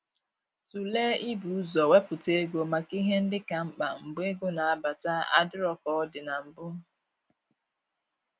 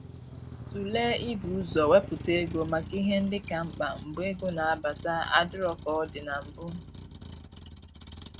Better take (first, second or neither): first